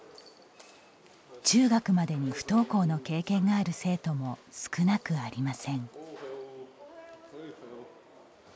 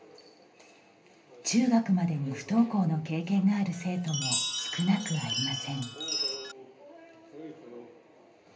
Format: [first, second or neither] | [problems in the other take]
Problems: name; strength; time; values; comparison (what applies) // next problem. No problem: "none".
first | background sound (Chime); 3 dB below the speech // room echo; dies away in 0.3 s